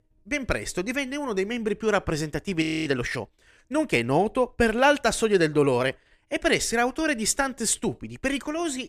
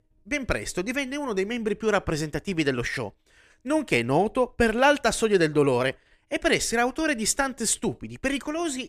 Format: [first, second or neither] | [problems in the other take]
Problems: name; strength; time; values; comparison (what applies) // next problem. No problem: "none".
second | audio freezing; at 2.5 s